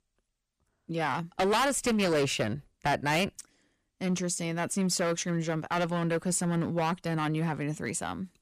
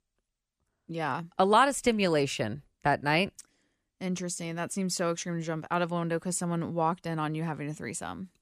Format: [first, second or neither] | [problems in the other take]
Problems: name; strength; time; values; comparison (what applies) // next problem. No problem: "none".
second | distortion; heavy; 9% of the sound clipped